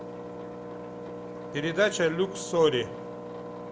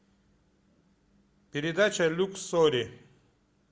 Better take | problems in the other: second | background sound (Engine); 9 dB below the speech

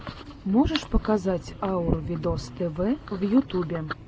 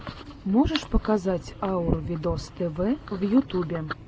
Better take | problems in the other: second | background sound (Guitar); 19 dB below the speech

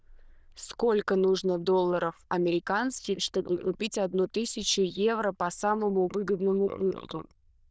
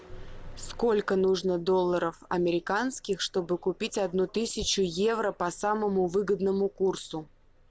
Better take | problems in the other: second | noise reduction (neural diffusion model UNIVERSE++)

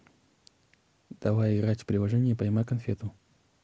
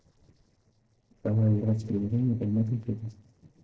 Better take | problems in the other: first | noise reduction (neural separator model SepFormer DNS4)

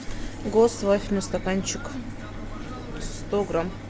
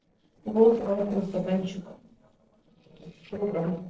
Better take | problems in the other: first | noise reduction (neural separator model SepFormer DNS4)

